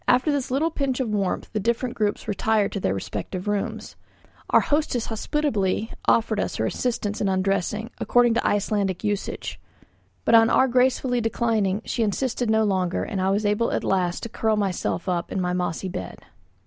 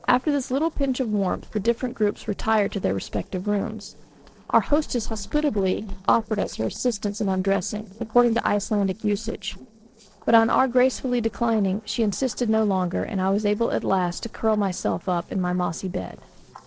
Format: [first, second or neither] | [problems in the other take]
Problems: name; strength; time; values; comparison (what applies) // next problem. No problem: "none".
first | noise reduction (neural separator model SepFormer DNS4)